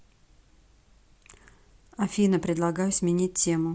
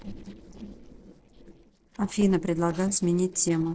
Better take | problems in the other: first | noise reduction (neural separator model SepFormer DNS4)

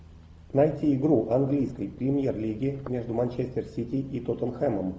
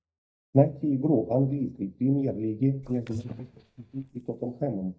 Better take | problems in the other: first | noise reduction (neural mask model DeepFilterNet 3)

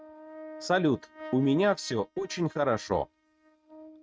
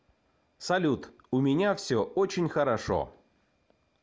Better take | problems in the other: second | noise reduction (neural mask model RNNoise)

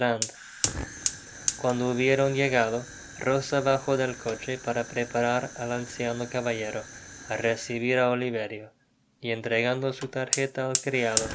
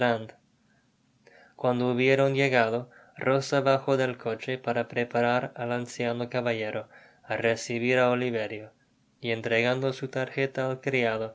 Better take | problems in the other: second | background sound (Fire); 8 dB below the speech

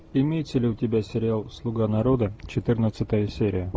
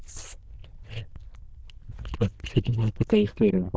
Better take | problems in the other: first | noise reduction (neural diffusion model UNIVERSE++)

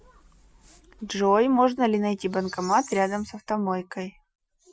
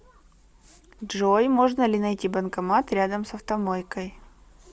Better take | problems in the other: second | noise reduction (classical method Wiener filter)

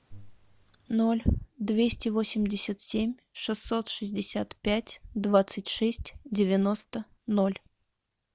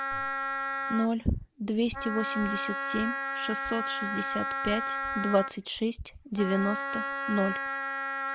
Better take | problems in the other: first | background sound (Wind instrument, woodwind instrument); 2 dB below the speech

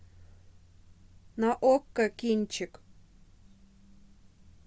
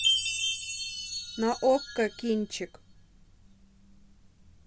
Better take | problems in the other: first | background sound (Chime); 2 dB below the speech

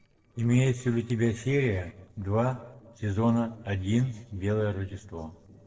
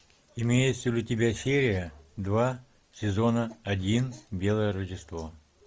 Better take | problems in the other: second | noise reduction (neural separator model SepFormer DNS4)

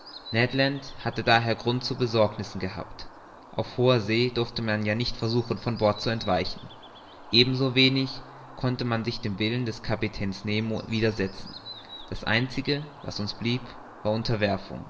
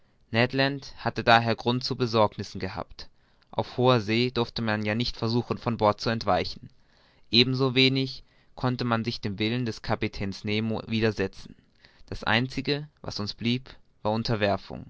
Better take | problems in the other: second | background sound (Bird); 19 dB below the speech // room echo; dies away in 0.9 s

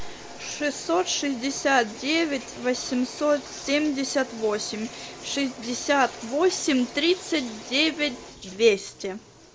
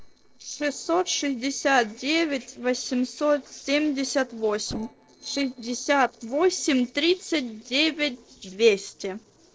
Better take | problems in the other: first | noise reduction (neural separator model SepFormer DNS4)

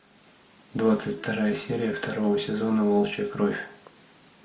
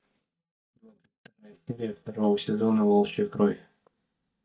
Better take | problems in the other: first | noise reduction (neural mask model DeepFilterNet 3)

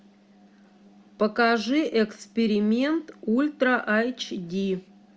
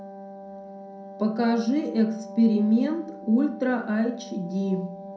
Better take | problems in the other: first | background sound (Wind instrument, woodwind instrument); 15 dB below the speech // room echo; dies away in 0.5 s

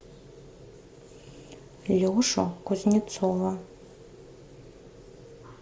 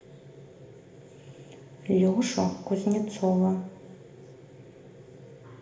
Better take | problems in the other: first | room echo; dies away in 0.8 s

